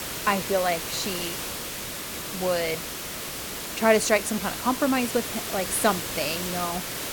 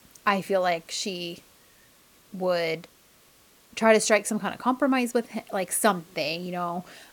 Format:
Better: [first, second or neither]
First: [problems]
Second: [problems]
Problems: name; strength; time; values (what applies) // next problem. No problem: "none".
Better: second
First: hiss; loud; throughout; 5 dB below the speech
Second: hiss; faint; throughout; 30 dB below the speech